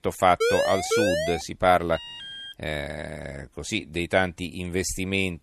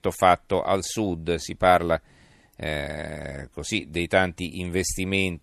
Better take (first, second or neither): second